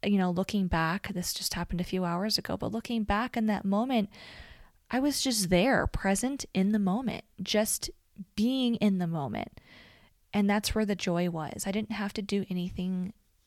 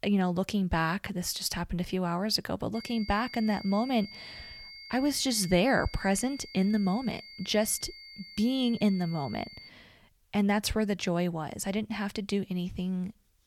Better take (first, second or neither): first